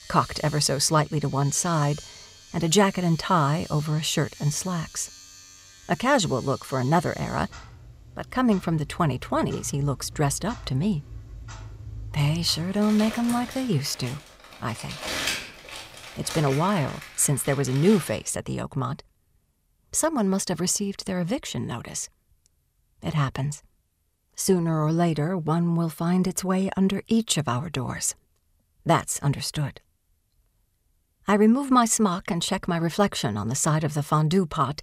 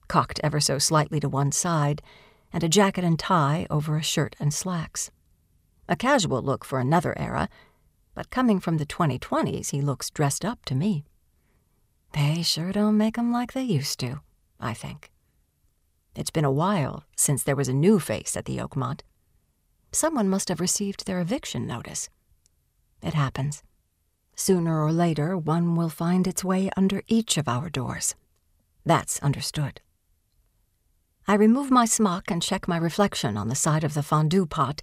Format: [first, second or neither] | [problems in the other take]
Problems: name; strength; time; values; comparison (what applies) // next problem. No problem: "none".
second | household noises; noticeable; until 18 s; 15 dB below the speech